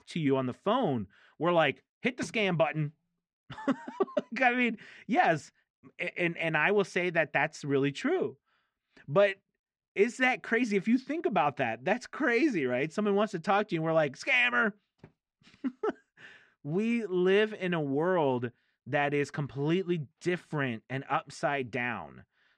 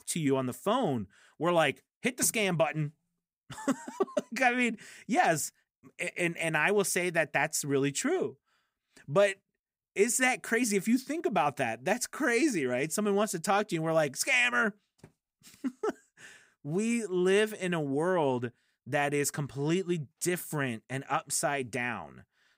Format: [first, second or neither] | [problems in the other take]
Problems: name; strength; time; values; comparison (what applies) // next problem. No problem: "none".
second | muffled; slightly; fading above 4 kHz